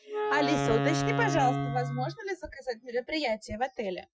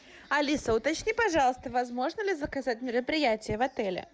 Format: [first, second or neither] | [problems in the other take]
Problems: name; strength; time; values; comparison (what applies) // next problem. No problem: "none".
second | noise reduction (classical method Wiener filter)